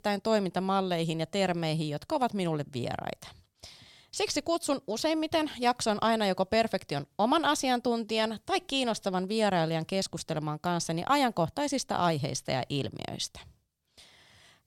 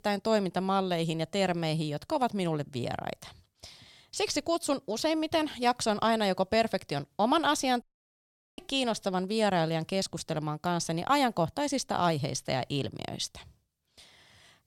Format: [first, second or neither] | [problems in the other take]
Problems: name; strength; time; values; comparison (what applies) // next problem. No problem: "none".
first | audio cutting out; at 8 s for 1 s